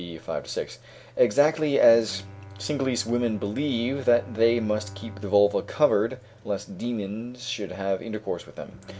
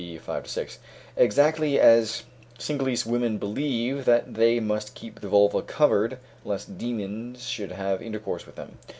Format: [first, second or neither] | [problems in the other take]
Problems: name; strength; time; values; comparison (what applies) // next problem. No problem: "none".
second | background sound (Bowed string instrument); 19 dB below the speech